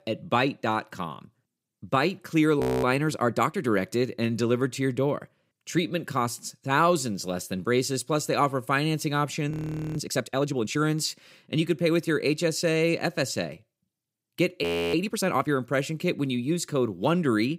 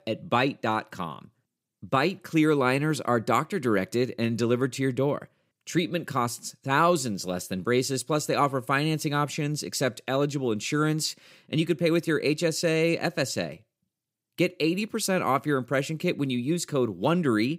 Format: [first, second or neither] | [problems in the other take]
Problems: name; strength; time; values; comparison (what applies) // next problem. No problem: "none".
second | audio freezing; at 2.5 s, at 9.5 s and at 15 s